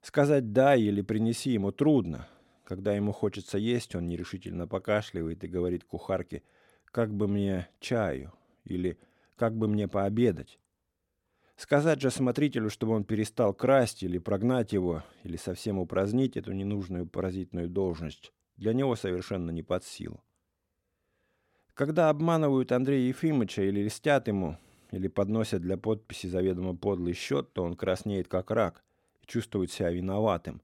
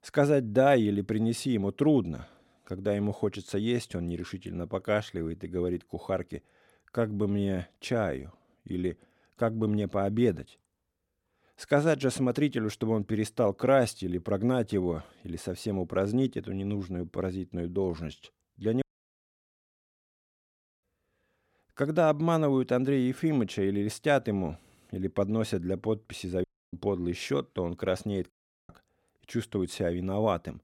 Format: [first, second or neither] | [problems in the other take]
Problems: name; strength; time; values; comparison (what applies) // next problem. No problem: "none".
first | audio cutting out; at 19 s for 2 s, at 26 s and at 28 s